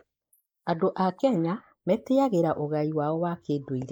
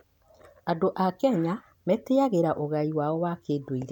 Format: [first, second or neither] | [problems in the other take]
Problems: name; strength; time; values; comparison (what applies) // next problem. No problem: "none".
second | noise reduction (neural mask model Resemble Enhance denoiser)